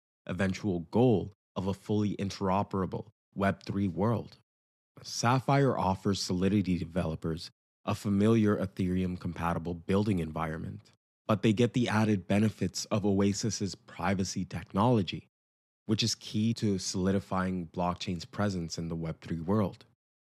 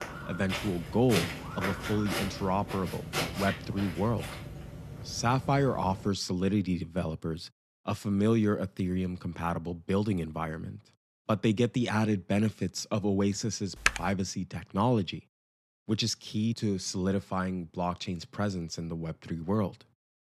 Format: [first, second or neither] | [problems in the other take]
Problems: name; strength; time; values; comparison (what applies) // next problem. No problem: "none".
first | footsteps; noticeable; until 6 s; peak 1 dB below the speech // keyboard typing; very faint; at 14 s; peak 2 dB above the speech